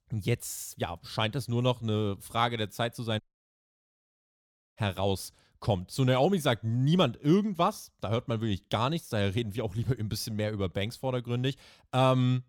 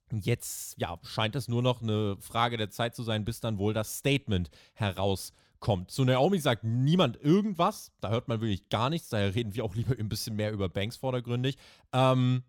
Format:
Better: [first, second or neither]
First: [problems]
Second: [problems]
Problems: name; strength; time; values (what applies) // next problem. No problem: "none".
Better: second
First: audio cutting out; at 3 s for 1.5 s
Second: none